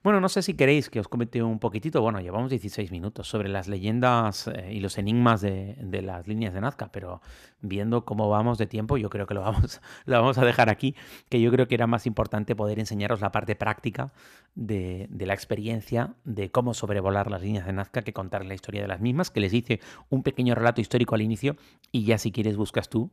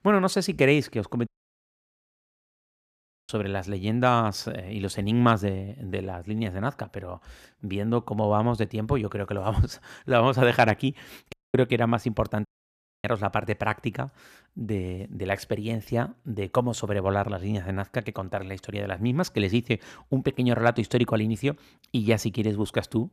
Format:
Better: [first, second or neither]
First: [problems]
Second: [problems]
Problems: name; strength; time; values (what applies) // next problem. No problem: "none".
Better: first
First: none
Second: audio cutting out; at 1.5 s for 2 s, at 11 s and at 12 s for 0.5 s